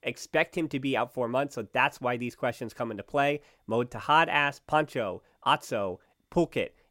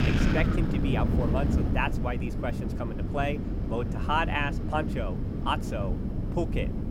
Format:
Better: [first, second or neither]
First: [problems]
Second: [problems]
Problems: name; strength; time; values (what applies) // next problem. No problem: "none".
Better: first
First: none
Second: wind noise on the microphone; heavy; 5 dB below the speech